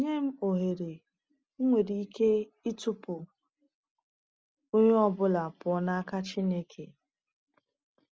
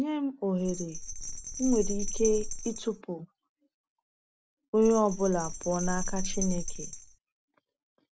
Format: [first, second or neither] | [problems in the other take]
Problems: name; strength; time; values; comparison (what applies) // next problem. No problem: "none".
first | background sound (Bell); 3 dB below the speech